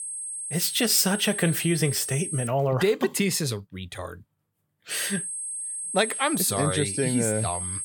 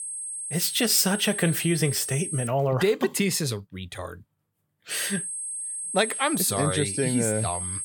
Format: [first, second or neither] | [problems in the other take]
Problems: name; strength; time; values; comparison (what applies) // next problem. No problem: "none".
neither | high-pitched whine; loud; until 2.5 s and from 5 s on; 8.5 kHz, 5 dB below the speech; the same in both